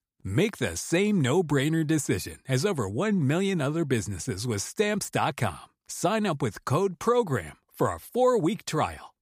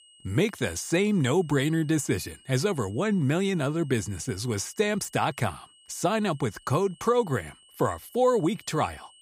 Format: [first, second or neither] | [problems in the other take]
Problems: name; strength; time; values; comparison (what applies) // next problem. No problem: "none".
first | high-pitched whine; faint; throughout; 3 kHz, 25 dB below the speech